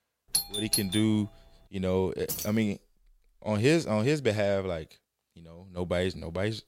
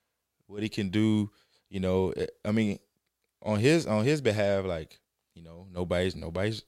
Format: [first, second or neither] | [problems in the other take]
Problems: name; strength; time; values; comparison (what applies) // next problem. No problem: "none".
second | doorbell; loud; at 0.5 s; peak level with the speech // jangling keys; noticeable; at 2.5 s; peak 5 dB below the speech